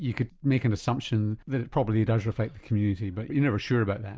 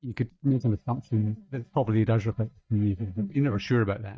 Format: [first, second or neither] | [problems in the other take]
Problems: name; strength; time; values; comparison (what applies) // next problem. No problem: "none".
first | noise reduction (neural mask model DeepFilterNet 3)